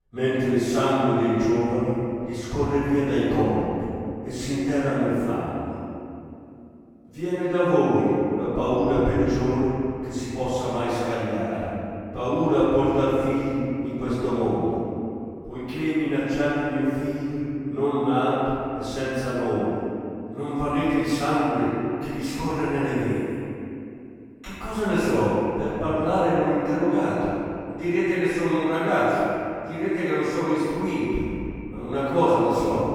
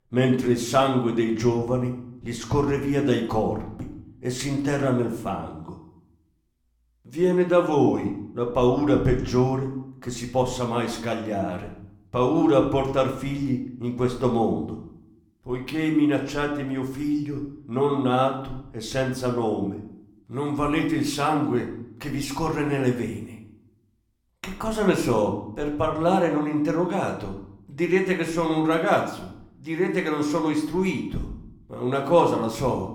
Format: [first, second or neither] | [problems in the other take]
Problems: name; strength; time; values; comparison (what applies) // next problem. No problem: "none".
second | room echo; strong; dies away in 2.6 s; slight in the second // off-mic speech; far; somewhat distant in the second